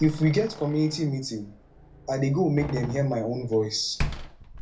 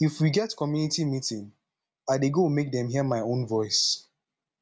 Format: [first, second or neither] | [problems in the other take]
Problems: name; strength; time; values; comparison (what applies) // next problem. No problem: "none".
second | background sound (Slam); 10 dB below the speech // room echo; dies away in 0.3 s